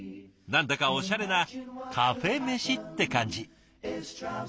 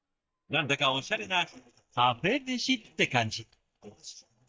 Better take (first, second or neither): first